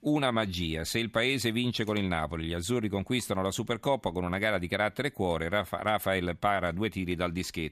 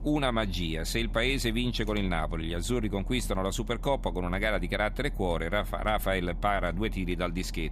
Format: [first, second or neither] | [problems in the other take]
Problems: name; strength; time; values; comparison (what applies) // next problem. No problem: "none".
first | low rumble; faint; throughout; 25 dB below the speech